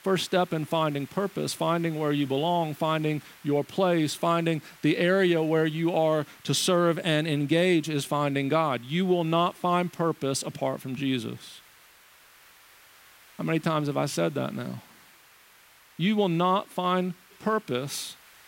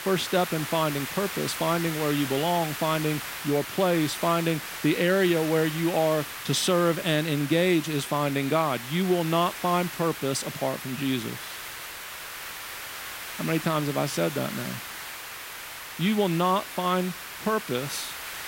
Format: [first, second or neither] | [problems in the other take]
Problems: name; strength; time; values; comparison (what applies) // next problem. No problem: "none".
first | hiss; loud; throughout; 9 dB below the speech; faint in the first